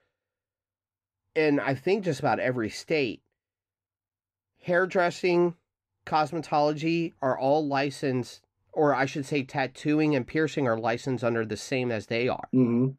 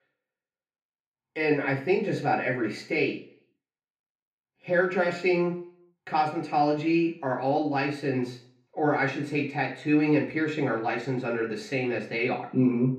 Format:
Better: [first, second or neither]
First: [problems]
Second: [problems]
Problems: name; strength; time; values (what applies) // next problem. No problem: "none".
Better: first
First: none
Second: room echo; slight; dies away in 0.4 s // off-mic speech; far